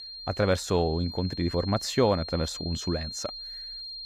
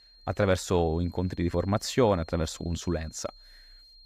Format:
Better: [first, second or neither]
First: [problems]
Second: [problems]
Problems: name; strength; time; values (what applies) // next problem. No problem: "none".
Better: second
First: high-pitched whine; loud; throughout; 4 kHz, 9 dB below the speech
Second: high-pitched whine; faint; throughout; 4 kHz, 25 dB below the speech